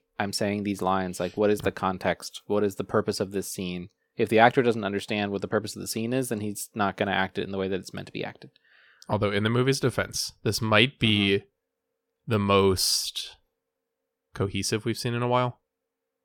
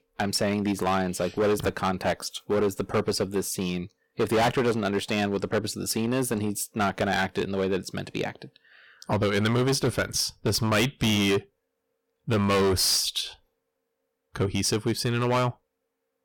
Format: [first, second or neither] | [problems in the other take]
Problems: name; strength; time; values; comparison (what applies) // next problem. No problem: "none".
first | distortion; heavy; 10% of the sound clipped